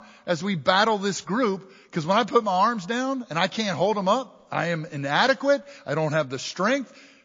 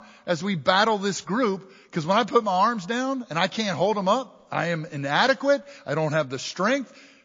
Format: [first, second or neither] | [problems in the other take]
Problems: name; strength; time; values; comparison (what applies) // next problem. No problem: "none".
neither | garbled, watery; slightly; the same in both